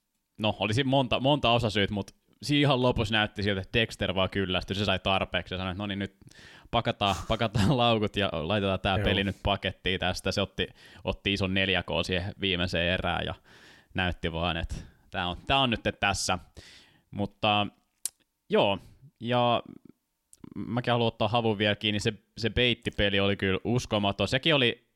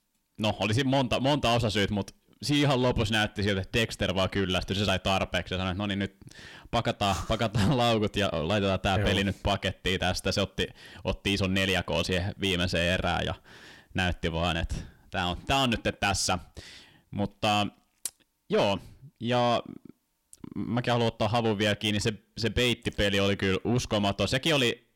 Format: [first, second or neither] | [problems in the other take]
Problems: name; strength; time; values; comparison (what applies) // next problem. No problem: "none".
first | distortion; slight; 10 dB below the speech